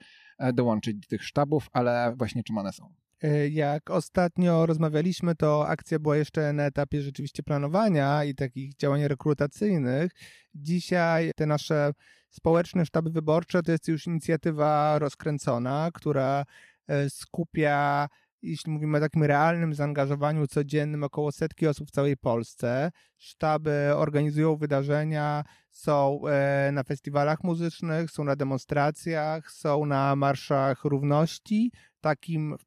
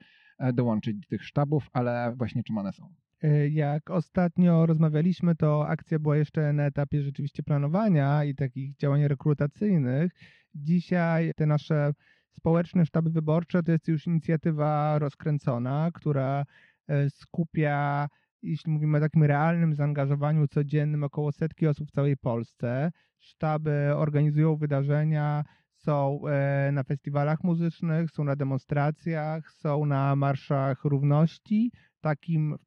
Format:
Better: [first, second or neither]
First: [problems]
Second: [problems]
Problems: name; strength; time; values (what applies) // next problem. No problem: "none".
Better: first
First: none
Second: muffled; slightly; fading above 3 kHz